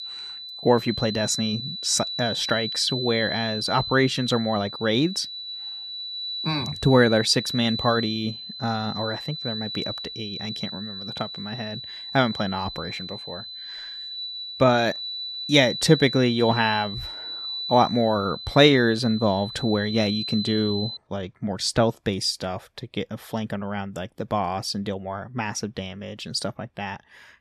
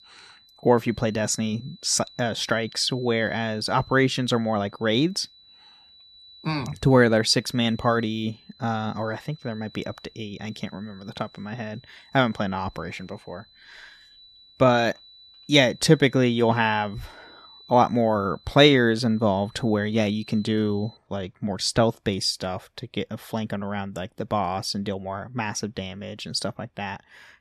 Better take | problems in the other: second | high-pitched whine; loud; until 21 s; 4 kHz, 7 dB below the speech; faint in the second

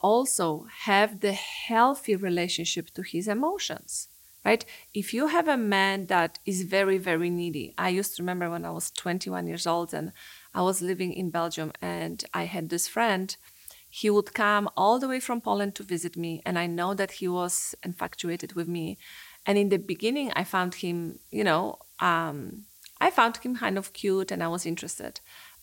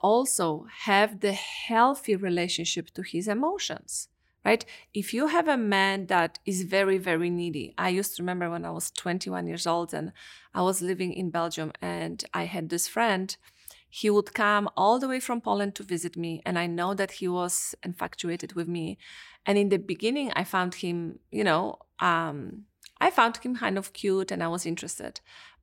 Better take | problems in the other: second | hiss; faint; throughout; 25 dB below the speech

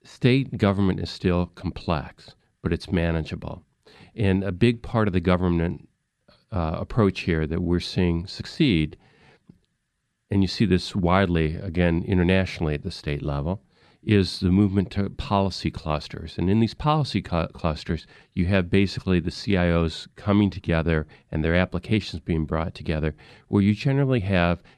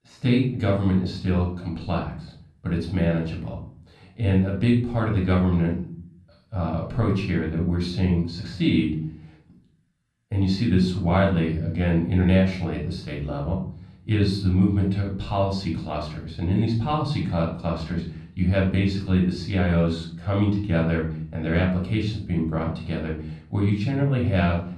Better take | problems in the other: first | off-mic speech; far // room echo; noticeable; dies away in 0.5 s

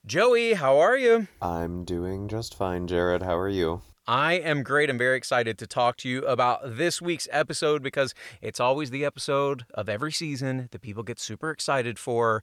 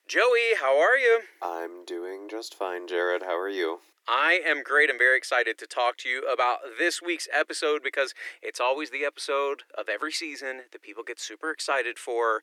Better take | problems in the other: first | thin; very; fading below 300 Hz

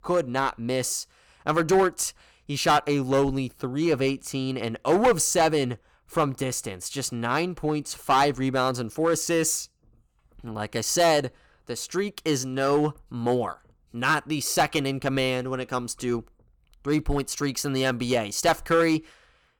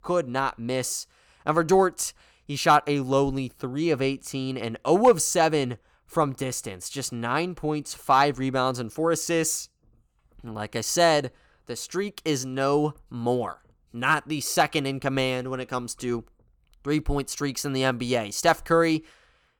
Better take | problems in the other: second | distortion; slight; 3% of the sound clipped

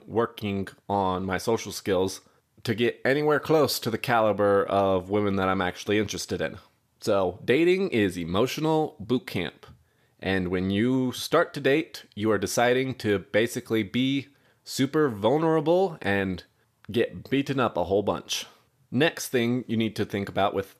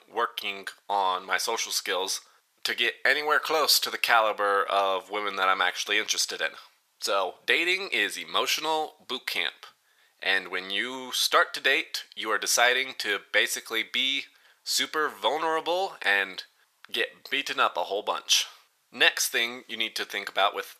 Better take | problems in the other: first | thin; very; fading below 950 Hz

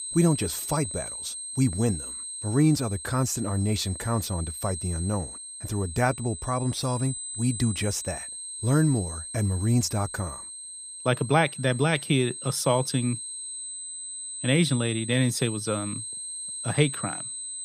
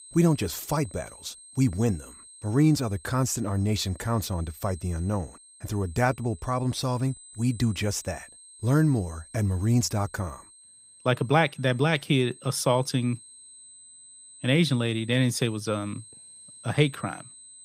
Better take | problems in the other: second | high-pitched whine; loud; throughout; 8.5 kHz, 7 dB below the speech; faint in the second

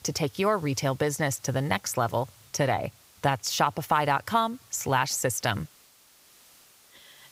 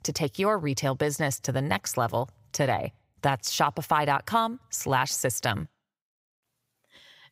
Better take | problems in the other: second | hiss; faint; throughout; 25 dB below the speech

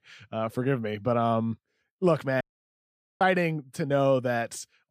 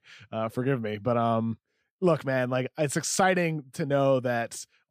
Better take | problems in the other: second | audio cutting out; at 2.5 s for 1 s

